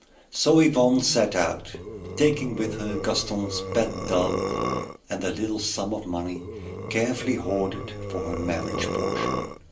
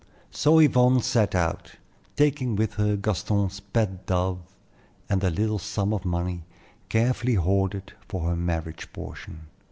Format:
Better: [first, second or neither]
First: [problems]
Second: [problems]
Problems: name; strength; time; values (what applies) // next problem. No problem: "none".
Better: second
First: background sound (Burping, eructation); 5 dB below the speech // room echo; dies away in 0.3 s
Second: none